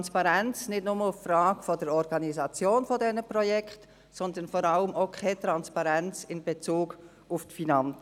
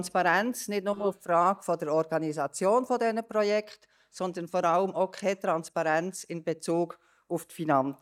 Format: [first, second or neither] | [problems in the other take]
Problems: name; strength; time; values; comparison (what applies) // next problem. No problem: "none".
first | noise reduction (neural mask model DeepFilterNet 3)